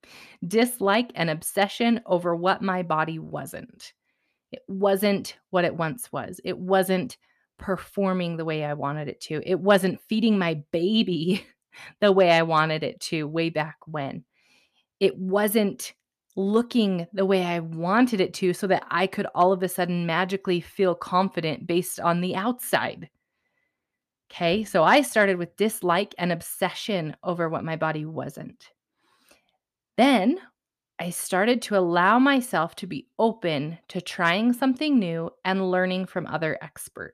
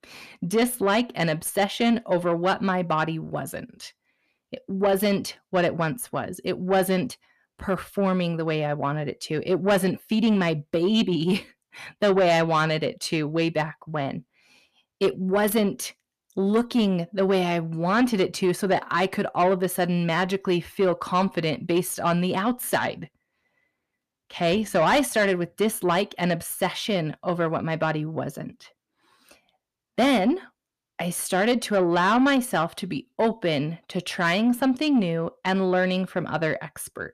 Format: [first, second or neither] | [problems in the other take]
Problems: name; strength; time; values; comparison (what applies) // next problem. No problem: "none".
first | distortion; slight; 10 dB below the speech